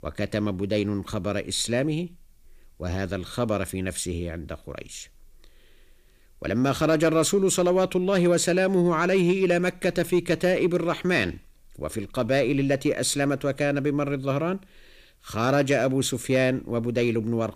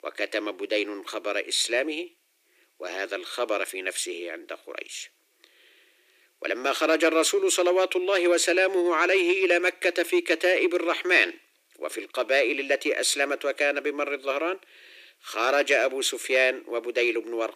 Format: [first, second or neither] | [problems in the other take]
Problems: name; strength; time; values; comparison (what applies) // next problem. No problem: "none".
first | thin; very; fading below 350 Hz